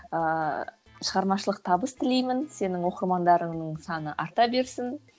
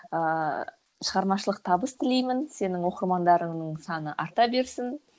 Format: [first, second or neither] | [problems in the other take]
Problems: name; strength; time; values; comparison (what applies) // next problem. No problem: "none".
first | noise reduction (neural mask model Resemble Enhance denoiser)